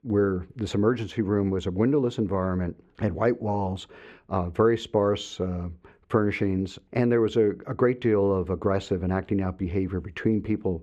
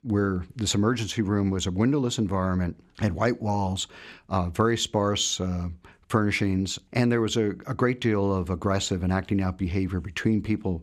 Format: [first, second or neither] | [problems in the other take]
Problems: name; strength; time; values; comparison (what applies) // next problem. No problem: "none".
second | muffled; very; fading above 3.5 kHz